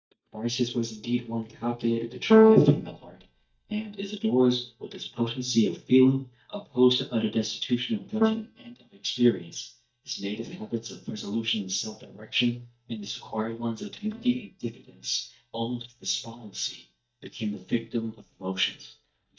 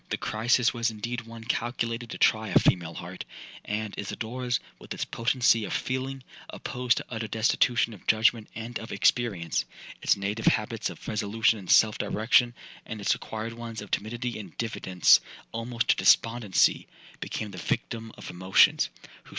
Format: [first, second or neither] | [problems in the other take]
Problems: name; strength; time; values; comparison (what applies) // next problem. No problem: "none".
second | noise reduction (neural mask model DeepFilterNet 3)